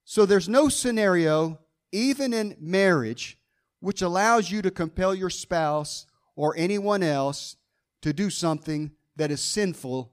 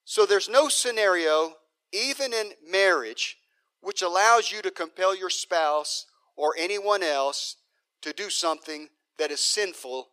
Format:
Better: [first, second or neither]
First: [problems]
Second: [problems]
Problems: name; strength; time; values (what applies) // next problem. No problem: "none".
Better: first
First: none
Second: thin; very; fading below 400 Hz